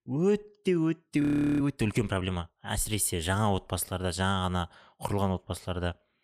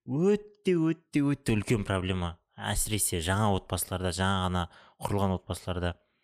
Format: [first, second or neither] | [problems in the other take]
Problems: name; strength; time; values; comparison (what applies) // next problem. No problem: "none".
second | audio freezing; at 1 s